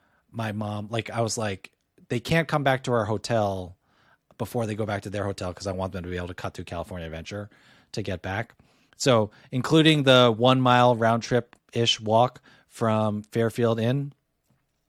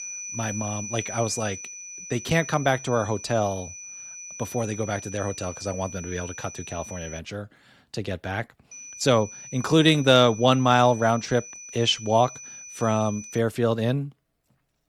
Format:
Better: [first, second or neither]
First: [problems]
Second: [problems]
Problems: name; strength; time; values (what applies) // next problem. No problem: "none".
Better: first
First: none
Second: high-pitched whine; noticeable; until 7 s and from 8.5 to 13 s; 6 kHz, 15 dB below the speech